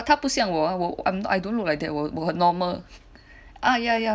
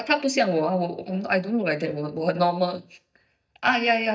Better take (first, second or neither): first